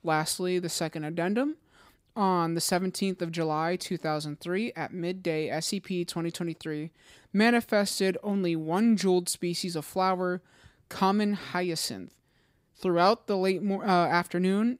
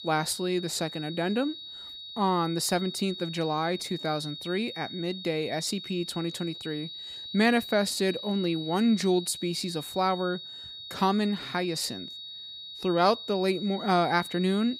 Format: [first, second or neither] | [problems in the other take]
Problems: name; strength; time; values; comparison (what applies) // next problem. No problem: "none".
first | high-pitched whine; loud; throughout; 4 kHz, 10 dB below the speech